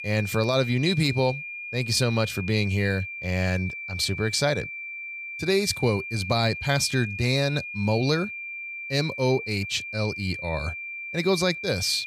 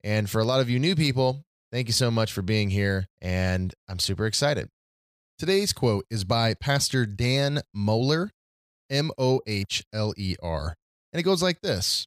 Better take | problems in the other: second | high-pitched whine; loud; throughout; 2.5 kHz, 8 dB below the speech

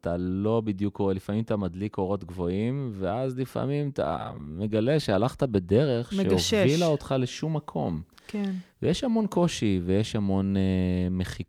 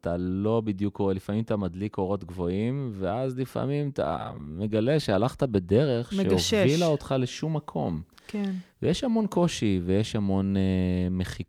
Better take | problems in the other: neither | none

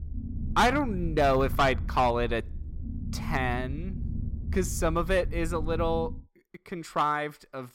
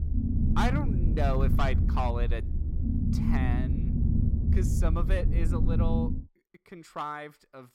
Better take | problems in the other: first | low rumble; loud; until 6 s; 5 dB below the speech; faint in the first

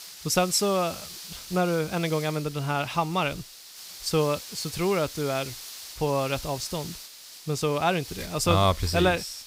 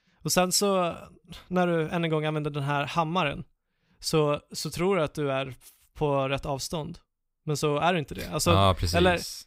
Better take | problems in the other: second | hiss; noticeable; throughout; 15 dB below the speech

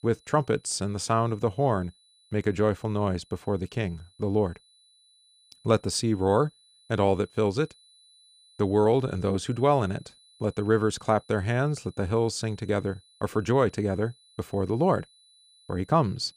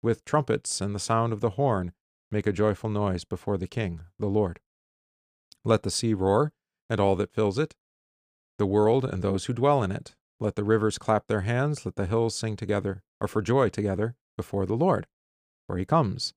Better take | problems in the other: second | high-pitched whine; faint; throughout; 4 kHz, 30 dB below the speech

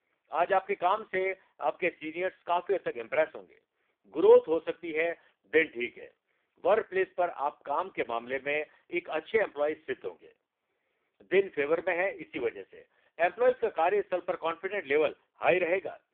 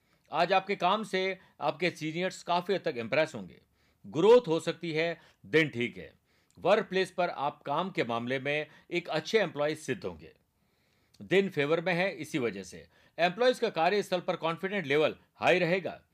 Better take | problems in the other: second | phone-call audio; poor line

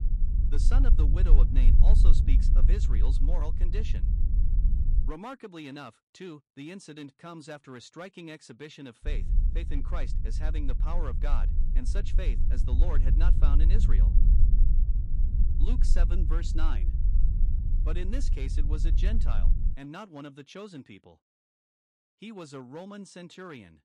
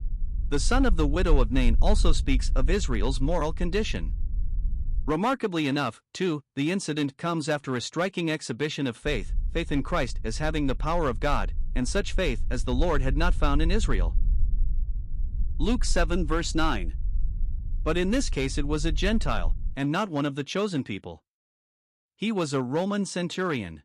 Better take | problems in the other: second | low rumble; loud; until 5 s and from 9 to 20 s; 5 dB below the speech; faint in the second

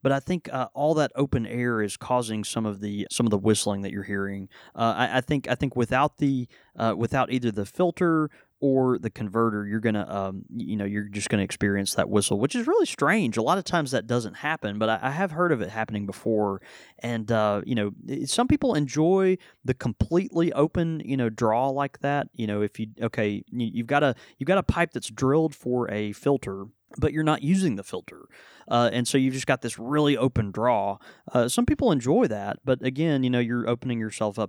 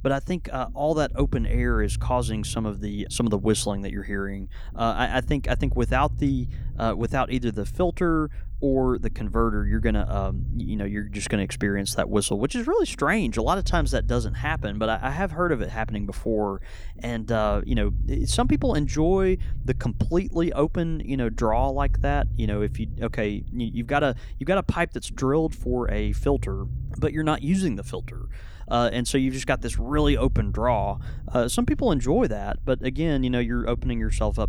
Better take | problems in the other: first | low rumble; faint; throughout; 25 dB below the speech

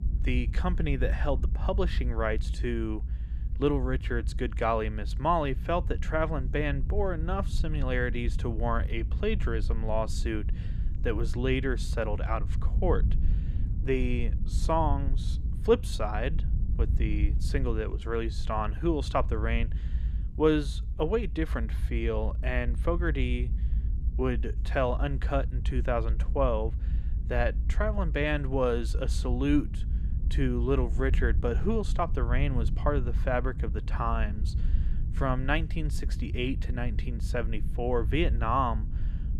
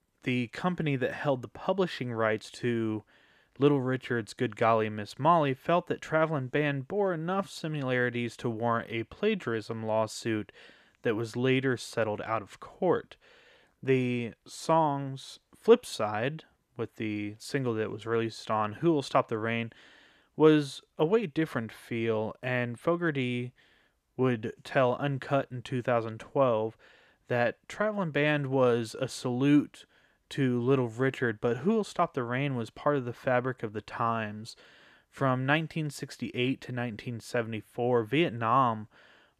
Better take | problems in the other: second | low rumble; noticeable; throughout; 15 dB below the speech

